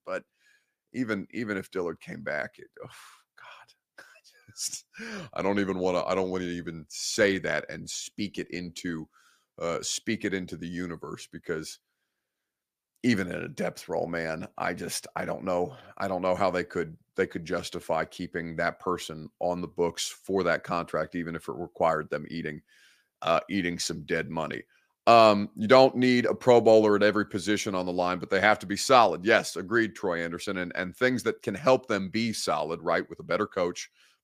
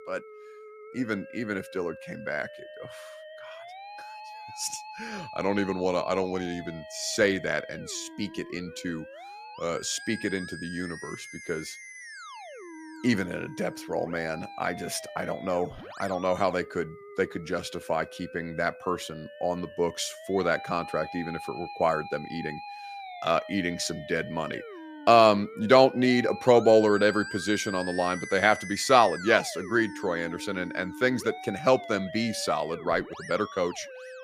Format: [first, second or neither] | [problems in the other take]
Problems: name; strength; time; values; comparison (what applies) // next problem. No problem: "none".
first | background music; noticeable; throughout; 15 dB below the speech